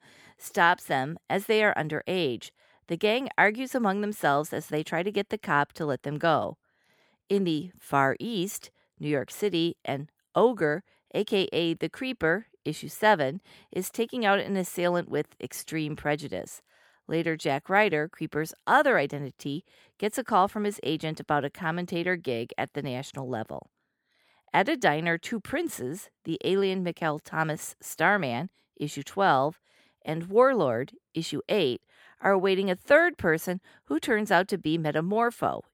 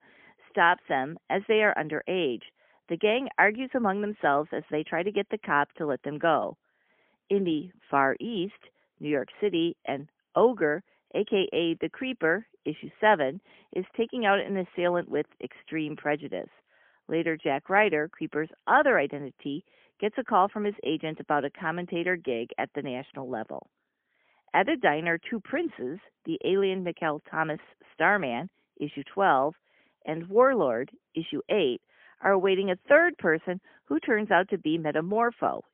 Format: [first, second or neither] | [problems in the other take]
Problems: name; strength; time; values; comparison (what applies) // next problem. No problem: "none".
first | phone-call audio; poor line; nothing above 3.5 kHz